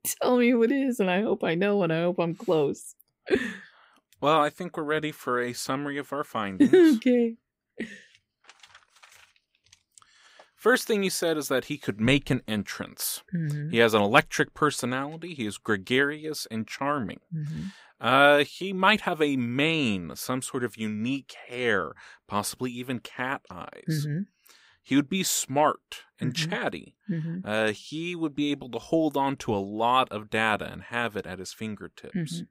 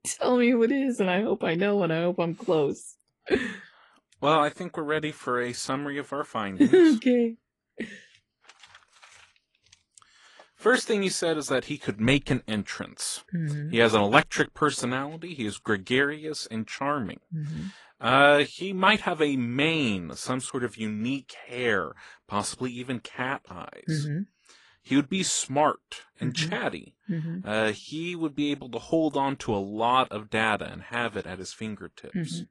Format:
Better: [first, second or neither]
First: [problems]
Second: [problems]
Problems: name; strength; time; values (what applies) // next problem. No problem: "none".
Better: first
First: none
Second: garbled, watery; slightly; nothing above 10.5 kHz